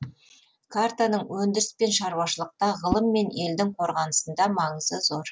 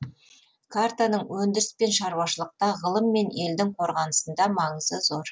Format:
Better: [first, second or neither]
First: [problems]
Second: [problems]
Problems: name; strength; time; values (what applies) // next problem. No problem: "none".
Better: second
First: background sound (Whoosh, swoosh, swish); 12 dB below the speech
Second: none